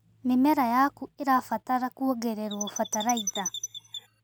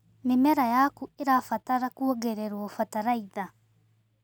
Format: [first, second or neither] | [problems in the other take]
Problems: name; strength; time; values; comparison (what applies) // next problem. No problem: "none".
second | background sound (Chirp, tweet); 8 dB below the speech